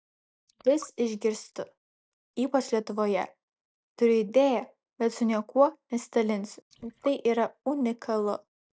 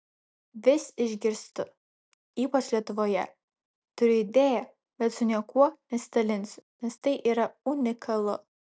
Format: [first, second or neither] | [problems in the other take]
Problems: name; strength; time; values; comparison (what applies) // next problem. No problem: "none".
second | noise reduction (neural mask model DeepFilterNet 3)